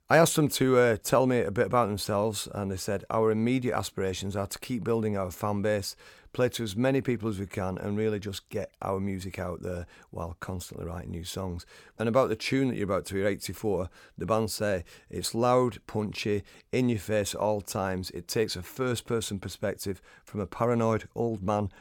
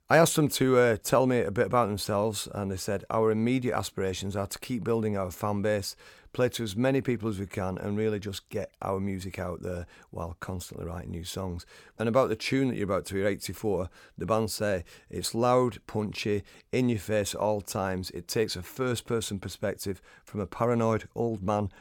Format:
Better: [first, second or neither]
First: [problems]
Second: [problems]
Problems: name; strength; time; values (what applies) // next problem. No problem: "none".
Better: neither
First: none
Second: none